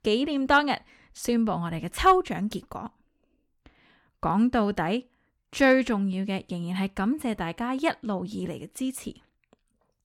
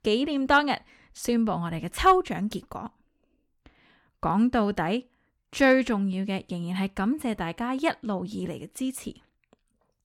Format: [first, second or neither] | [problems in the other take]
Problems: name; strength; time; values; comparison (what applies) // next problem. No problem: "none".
neither | none